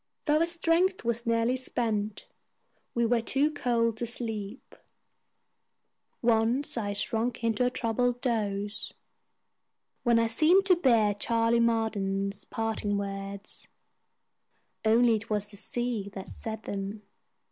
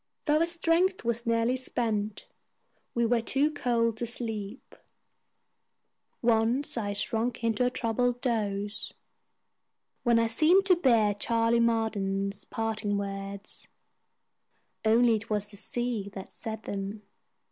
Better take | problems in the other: second | background sound (Thump, thud); 18 dB below the speech

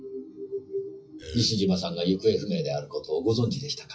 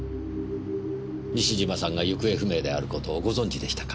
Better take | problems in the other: second | noise reduction (classical method WPE with log-MMSE)

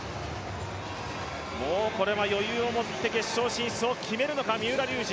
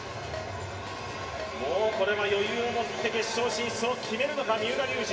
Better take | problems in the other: first | background sound (Keyboard (musical)); 16 dB below the speech // room echo; dies away in 2.7 s

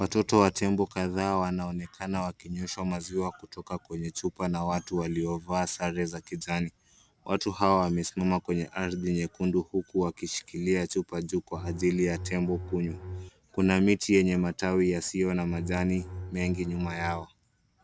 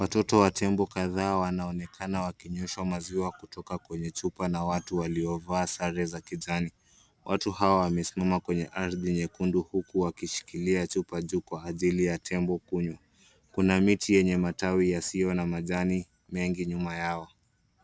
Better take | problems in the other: second | background sound (Bowed string instrument); 10 dB below the speech

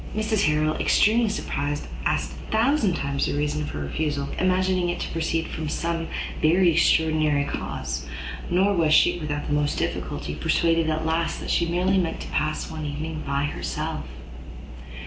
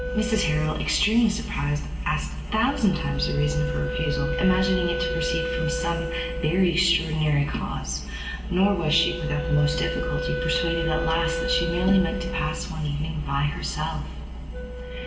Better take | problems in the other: first | background sound (Wind instrument, woodwind instrument); 8 dB below the speech // room echo; dies away in 1.8 s

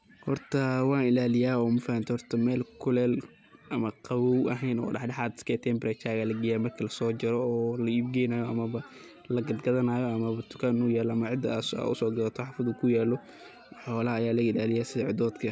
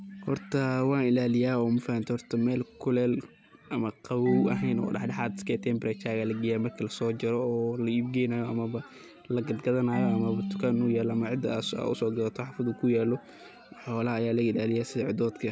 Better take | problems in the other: first | background sound (Marimba, xylophone / Wood); 11 dB below the speech

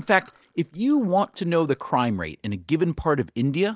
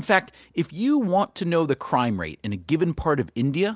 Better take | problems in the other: second | noise reduction (neural mask model DeepFilterNet 3)

